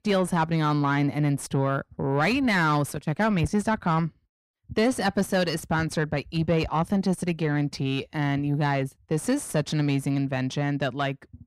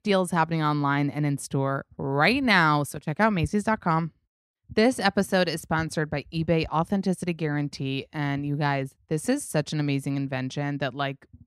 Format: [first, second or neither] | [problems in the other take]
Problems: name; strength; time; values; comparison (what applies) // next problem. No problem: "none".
second | distortion; slight; 10 dB below the speech